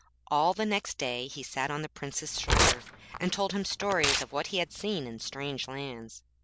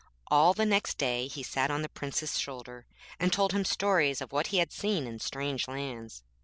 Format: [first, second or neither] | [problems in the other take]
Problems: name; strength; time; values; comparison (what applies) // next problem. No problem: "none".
second | background sound (Tearing); as loud as the speech